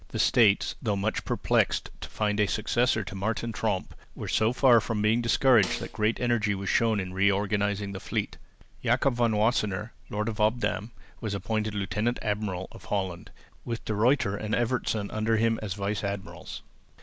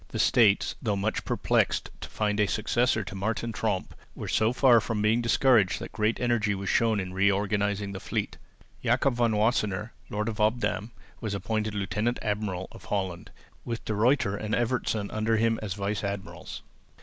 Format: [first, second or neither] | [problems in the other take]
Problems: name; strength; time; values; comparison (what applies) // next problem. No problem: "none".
second | background sound (Snare drum); 14 dB below the speech